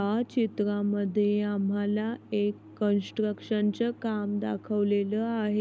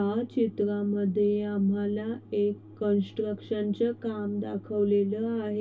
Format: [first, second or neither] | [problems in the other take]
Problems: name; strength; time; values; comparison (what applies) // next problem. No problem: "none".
first | room echo; dies away in 0.1 s